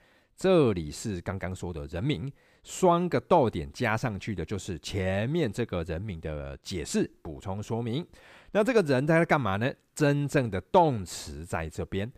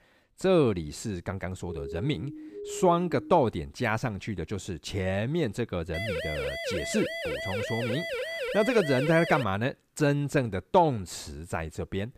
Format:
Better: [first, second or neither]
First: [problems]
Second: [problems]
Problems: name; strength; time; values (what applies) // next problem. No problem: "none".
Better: first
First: none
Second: siren; noticeable; from 1.5 to 3.5 s and from 6 to 9.5 s; peak 3 dB below the speech